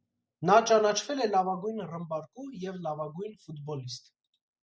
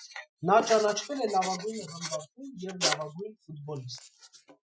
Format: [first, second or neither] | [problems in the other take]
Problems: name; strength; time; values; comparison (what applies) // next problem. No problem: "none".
first | noise reduction (classical method Wiener filter)